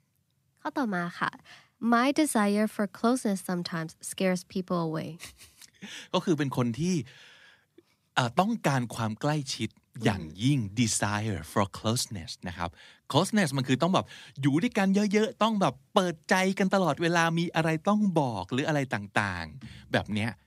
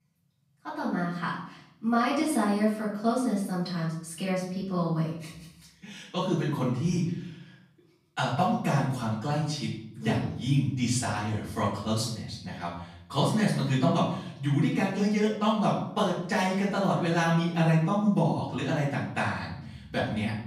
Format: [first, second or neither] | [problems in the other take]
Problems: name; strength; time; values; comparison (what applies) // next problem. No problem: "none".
first | off-mic speech; far // room echo; noticeable; dies away in 0.7 s